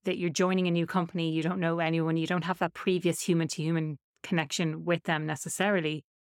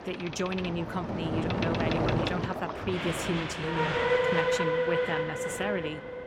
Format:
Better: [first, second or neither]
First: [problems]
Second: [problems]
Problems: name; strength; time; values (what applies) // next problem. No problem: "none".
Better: first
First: none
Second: train or aircraft noise; very loud; throughout; 4 dB above the speech